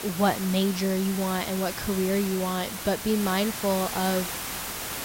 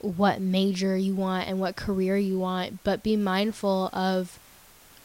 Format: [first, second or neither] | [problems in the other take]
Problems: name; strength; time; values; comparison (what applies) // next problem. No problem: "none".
second | hiss; loud; throughout; 6 dB below the speech; faint in the second